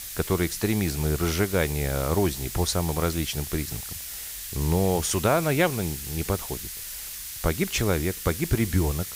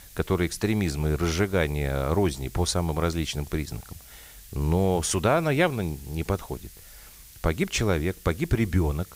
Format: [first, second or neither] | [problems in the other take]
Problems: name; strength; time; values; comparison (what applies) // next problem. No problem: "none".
second | hiss; loud; throughout; 7 dB below the speech; faint in the second